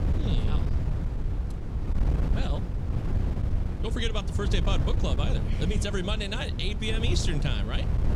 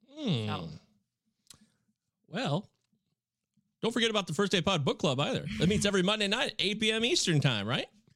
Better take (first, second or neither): second